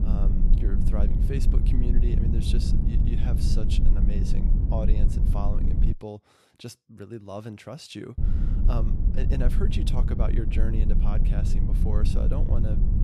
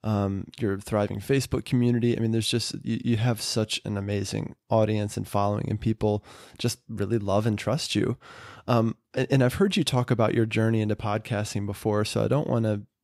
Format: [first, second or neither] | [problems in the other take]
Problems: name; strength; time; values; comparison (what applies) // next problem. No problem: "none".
second | low rumble; loud; until 6 s and from 8 s on; 1 dB below the speech